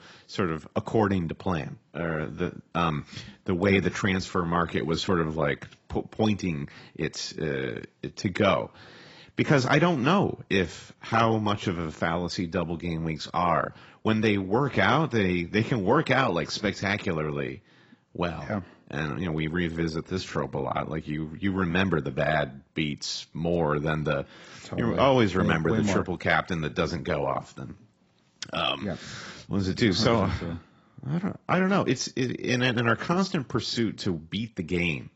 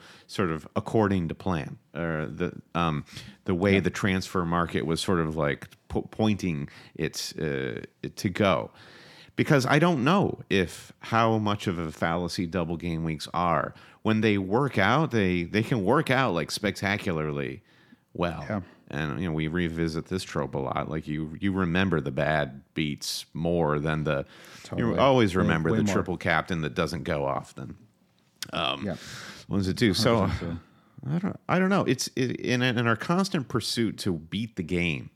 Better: second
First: garbled, watery; badly; nothing above 7.5 kHz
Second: none

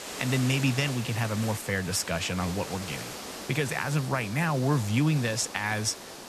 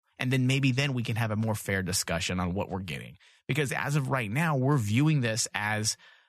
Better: second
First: hiss; noticeable; throughout; 10 dB below the speech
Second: none

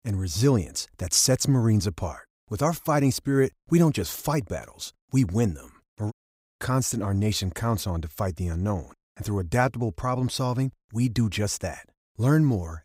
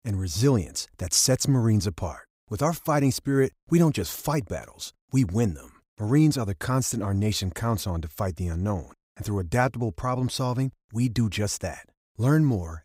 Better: second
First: audio cutting out; at 6 s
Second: none

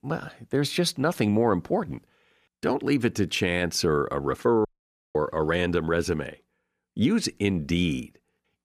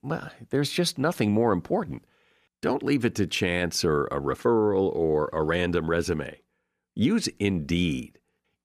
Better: second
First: audio cutting out; at 4.5 s for 0.5 s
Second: none

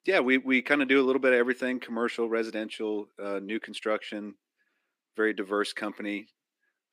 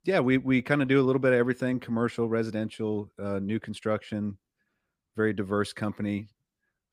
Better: second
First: thin; very slightly; fading below 300 Hz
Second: none

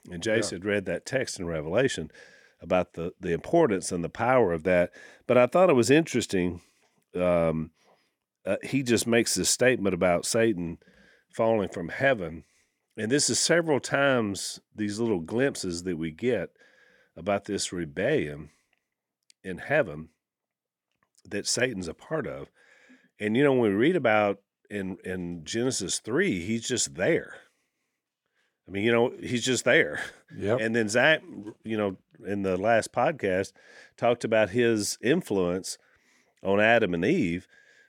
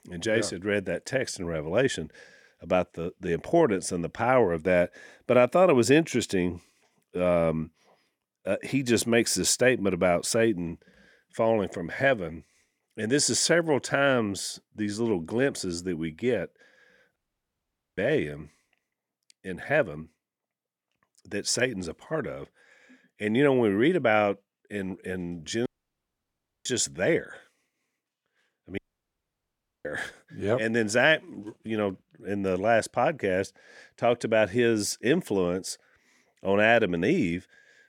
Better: first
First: none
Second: audio cutting out; at 17 s for 1 s, at 26 s for 1 s and at 29 s for 1 s

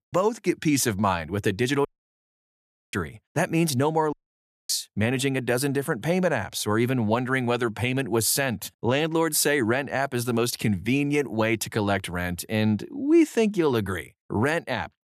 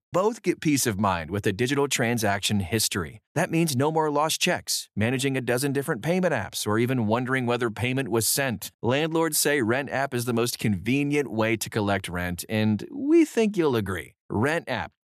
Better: second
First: audio cutting out; at 2 s for 1 s and at 4 s for 0.5 s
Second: none

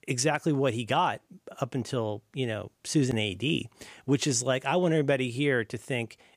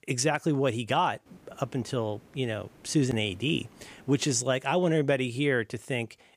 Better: first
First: none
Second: hiss; faint; from 1.5 to 4.5 s; 25 dB below the speech

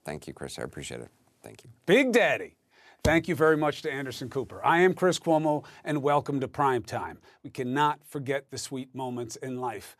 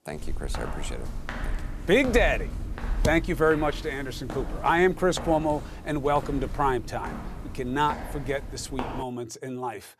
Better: first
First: none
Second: footsteps; noticeable; until 9 s; peak 5 dB below the speech

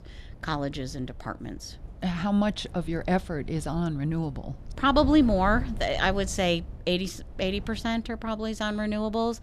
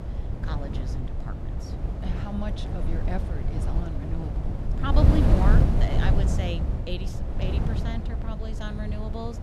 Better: first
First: wind noise on the microphone; occasional gusts; 25 dB below the speech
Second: wind noise on the microphone; heavy; 1 dB below the speech

